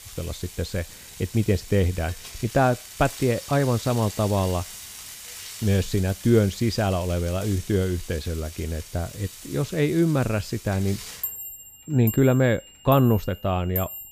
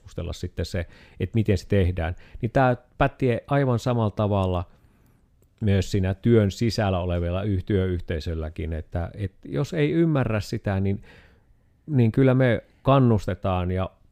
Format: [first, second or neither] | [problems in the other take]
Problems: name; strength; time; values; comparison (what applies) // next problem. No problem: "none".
second | household noises; noticeable; throughout; 15 dB below the speech